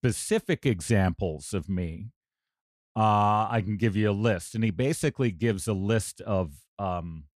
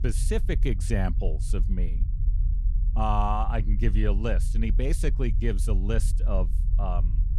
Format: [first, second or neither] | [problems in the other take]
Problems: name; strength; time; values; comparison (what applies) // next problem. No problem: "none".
first | low rumble; noticeable; throughout; 15 dB below the speech